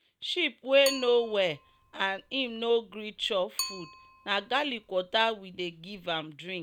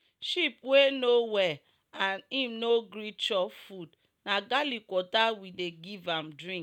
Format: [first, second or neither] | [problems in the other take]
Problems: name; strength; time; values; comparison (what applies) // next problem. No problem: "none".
second | background sound (Bicycle); 14 dB below the speech